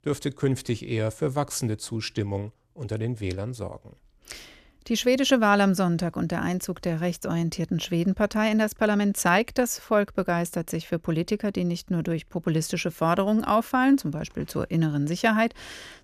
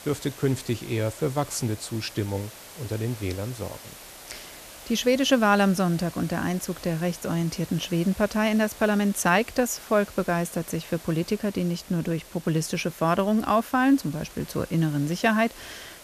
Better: first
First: none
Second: hiss; noticeable; throughout; 15 dB below the speech

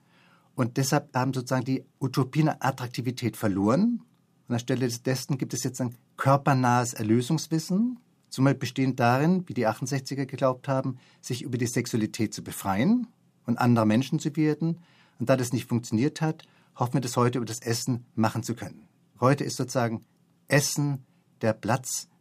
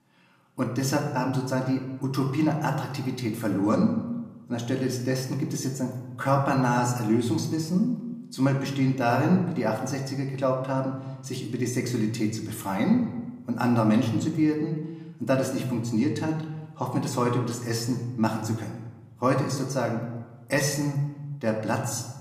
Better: first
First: none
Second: room echo; slight; dies away in 0.9 s // off-mic speech; somewhat distant

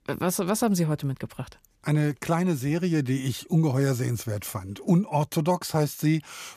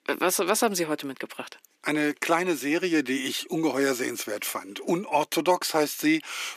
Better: first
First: none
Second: thin; somewhat; fading below 300 Hz

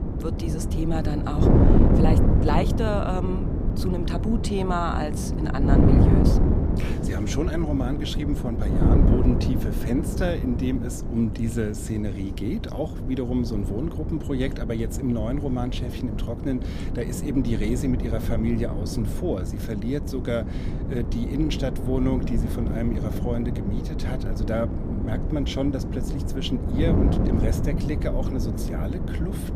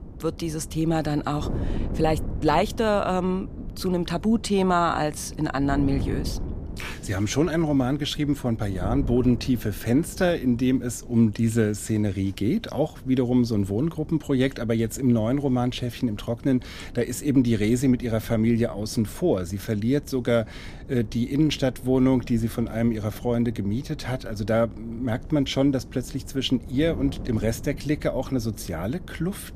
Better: second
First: wind noise on the microphone; heavy; 2 dB below the speech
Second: wind noise on the microphone; occasional gusts; 20 dB below the speech

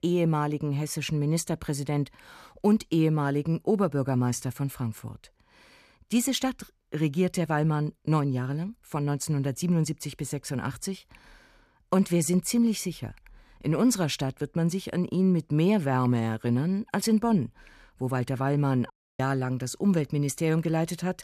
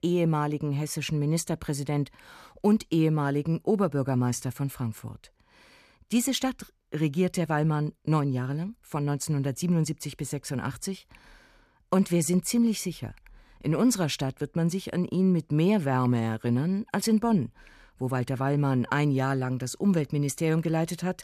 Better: second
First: audio cutting out; at 19 s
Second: none

